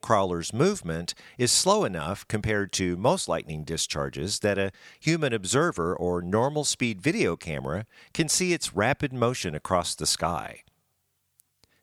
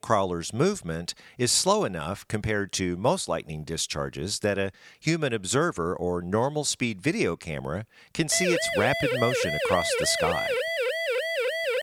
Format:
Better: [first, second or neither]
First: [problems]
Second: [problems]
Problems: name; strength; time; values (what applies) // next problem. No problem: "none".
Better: first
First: none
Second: siren; loud; from 8.5 s on; peak 1 dB above the speech